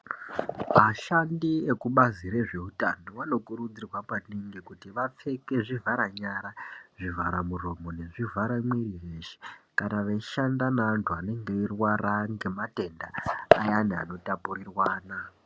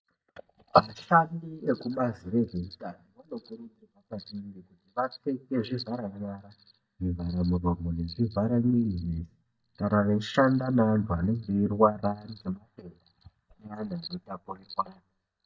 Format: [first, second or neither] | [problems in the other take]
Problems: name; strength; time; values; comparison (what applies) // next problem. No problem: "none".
first | noise reduction (neural mask model DeepFilterNet 3)